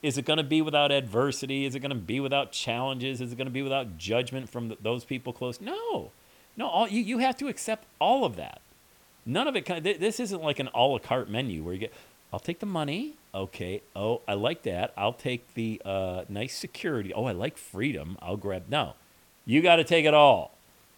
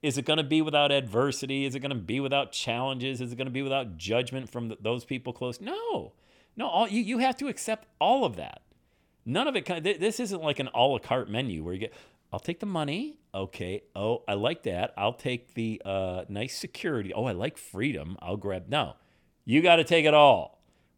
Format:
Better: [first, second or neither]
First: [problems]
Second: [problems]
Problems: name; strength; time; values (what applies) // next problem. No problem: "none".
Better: second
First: hiss; faint; throughout; 30 dB below the speech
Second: none